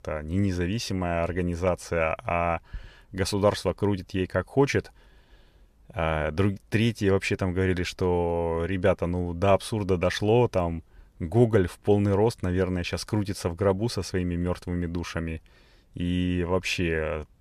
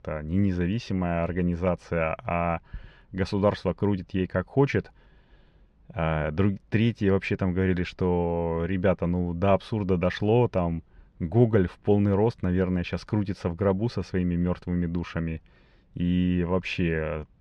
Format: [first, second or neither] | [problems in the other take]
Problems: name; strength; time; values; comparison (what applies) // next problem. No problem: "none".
first | muffled; slightly; fading above 3 kHz